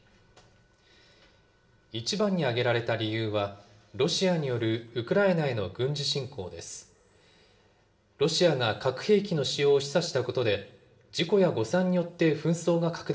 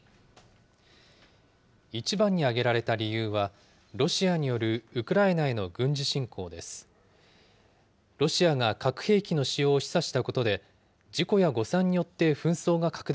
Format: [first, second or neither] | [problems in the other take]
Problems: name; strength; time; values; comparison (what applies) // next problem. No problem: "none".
second | room echo; dies away in 0.5 s